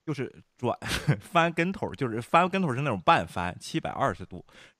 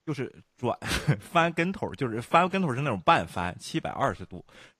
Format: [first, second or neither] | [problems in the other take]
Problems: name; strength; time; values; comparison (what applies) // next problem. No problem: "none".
first | garbled, watery; slightly; nothing above 15 kHz